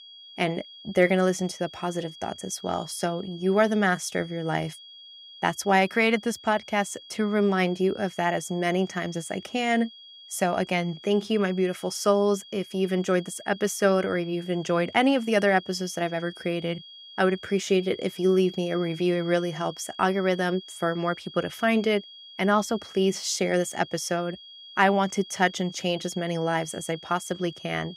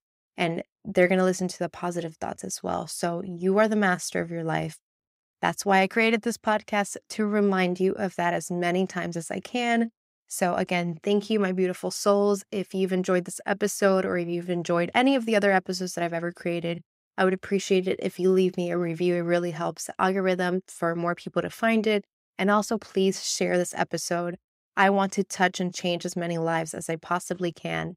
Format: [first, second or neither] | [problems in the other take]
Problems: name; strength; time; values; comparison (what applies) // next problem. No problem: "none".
second | high-pitched whine; noticeable; throughout; 3.5 kHz, 20 dB below the speech